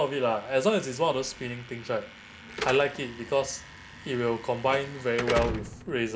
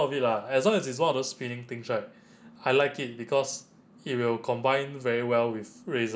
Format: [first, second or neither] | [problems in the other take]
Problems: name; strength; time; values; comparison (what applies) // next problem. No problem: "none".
second | background sound (Slam / Alarm); 10 dB below the speech